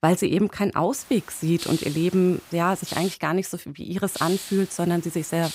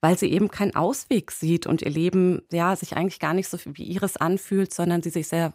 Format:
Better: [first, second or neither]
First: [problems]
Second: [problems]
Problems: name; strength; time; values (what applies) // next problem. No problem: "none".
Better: second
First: hiss; noticeable; from 1 to 3 s and from 4 s on; 15 dB below the speech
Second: none